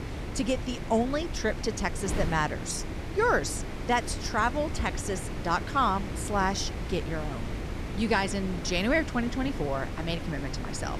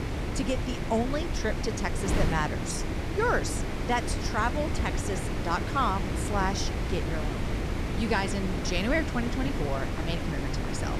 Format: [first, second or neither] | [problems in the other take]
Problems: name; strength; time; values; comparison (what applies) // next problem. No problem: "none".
first | wind noise on the microphone; heavy; 5 dB below the speech; occasional gusts in the first